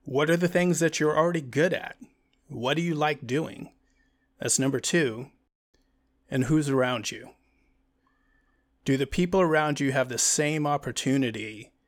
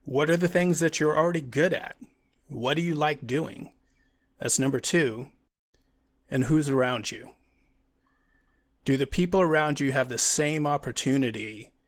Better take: first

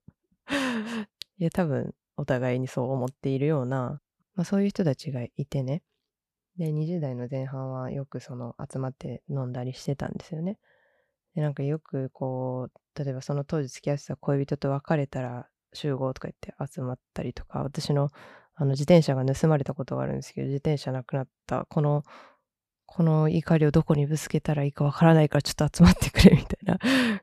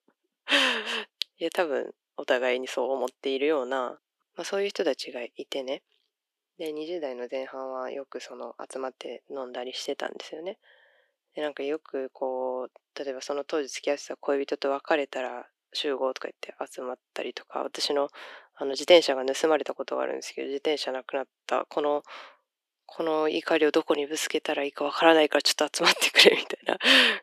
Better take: first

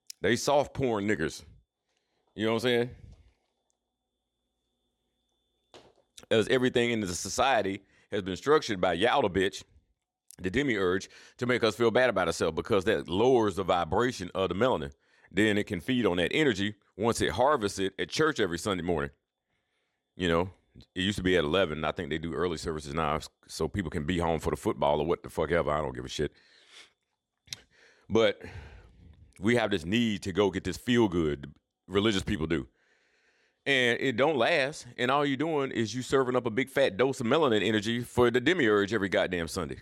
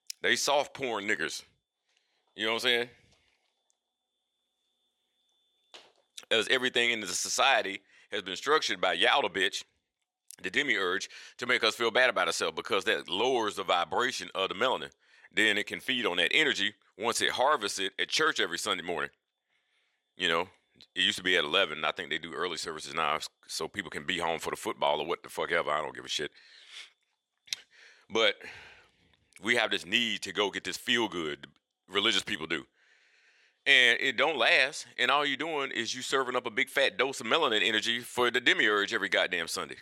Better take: first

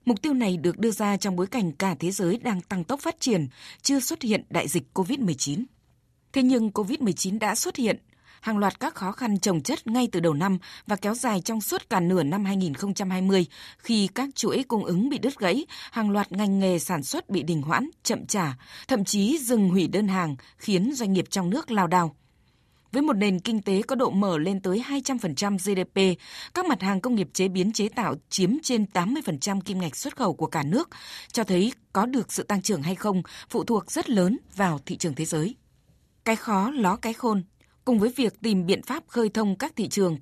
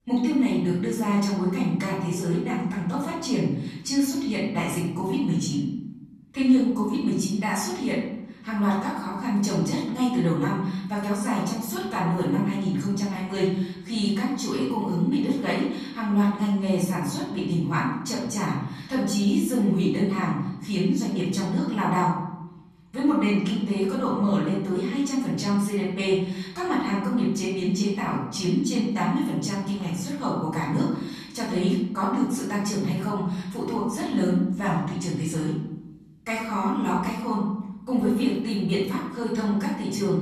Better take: first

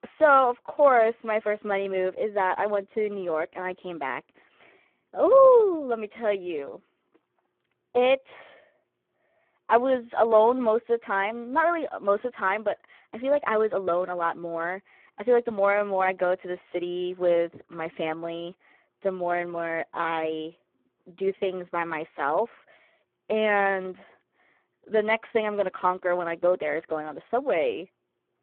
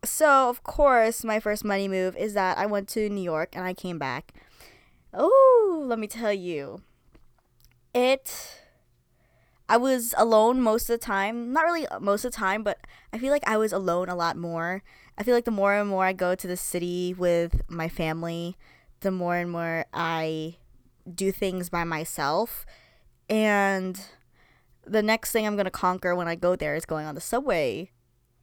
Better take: second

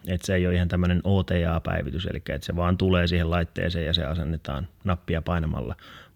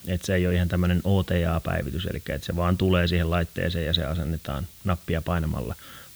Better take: first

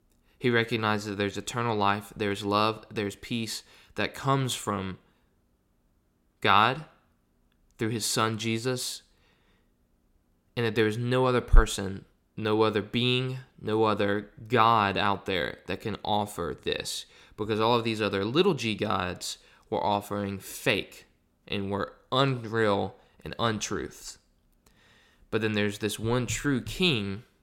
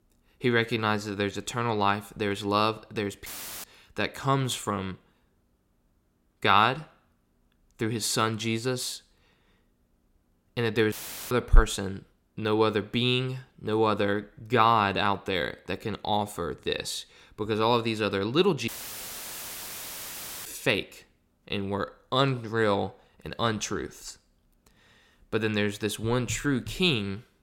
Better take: first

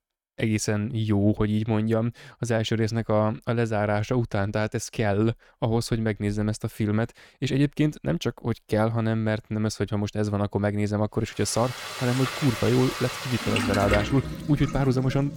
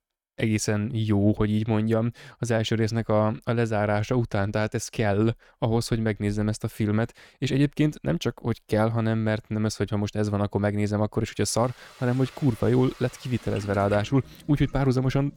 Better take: second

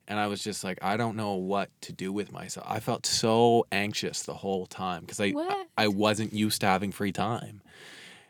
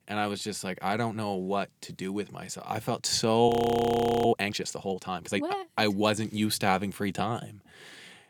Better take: first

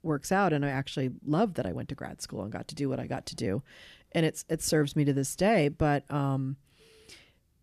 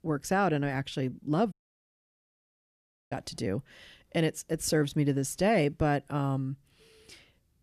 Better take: first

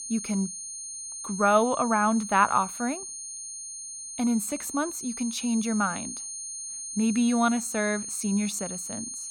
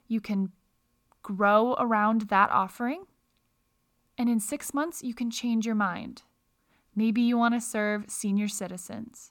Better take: second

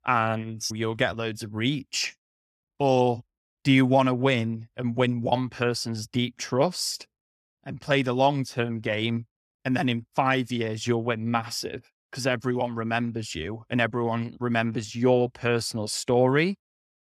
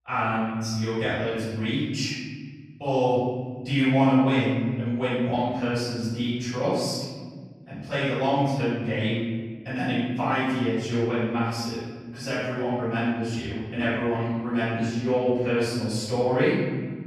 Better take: first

